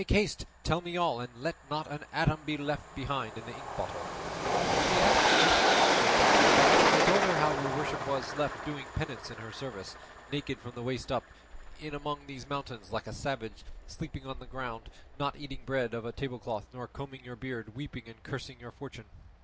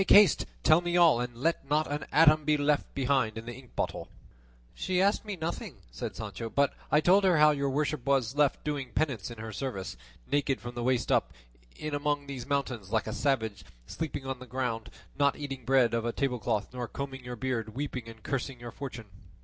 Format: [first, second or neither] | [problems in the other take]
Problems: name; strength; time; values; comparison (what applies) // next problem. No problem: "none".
second | background sound (Train); 3 dB above the speech